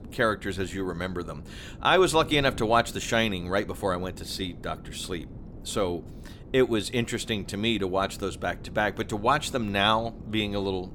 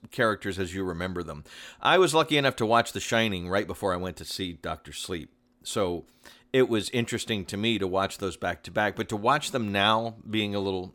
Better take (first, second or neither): second